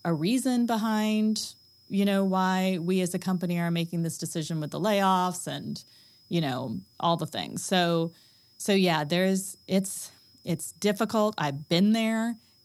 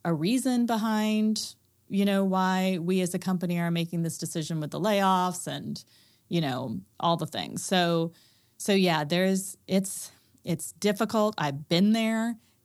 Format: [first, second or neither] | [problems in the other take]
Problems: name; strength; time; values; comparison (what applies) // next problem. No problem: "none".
second | high-pitched whine; faint; throughout; 5 kHz, 30 dB below the speech